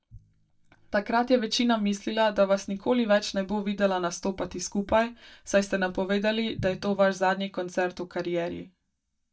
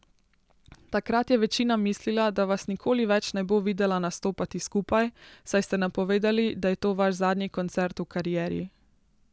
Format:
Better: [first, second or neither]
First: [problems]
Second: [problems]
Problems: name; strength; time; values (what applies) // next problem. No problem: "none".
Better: second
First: noise reduction (neural mask model DeepFilterNet 3)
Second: none